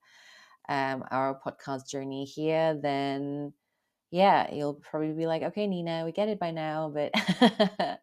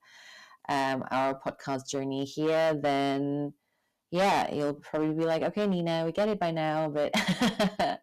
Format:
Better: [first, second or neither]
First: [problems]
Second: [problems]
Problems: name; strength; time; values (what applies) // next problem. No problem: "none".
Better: first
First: none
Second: distortion; heavy; 9% of the sound clipped